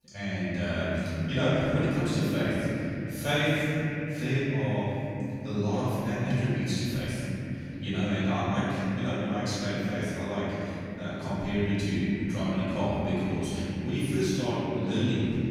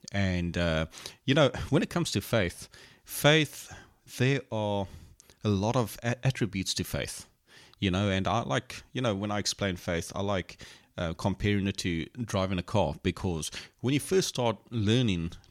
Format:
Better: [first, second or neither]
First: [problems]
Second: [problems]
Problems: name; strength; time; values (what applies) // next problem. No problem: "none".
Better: second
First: room echo; strong; dies away in 3 s // off-mic speech; far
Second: none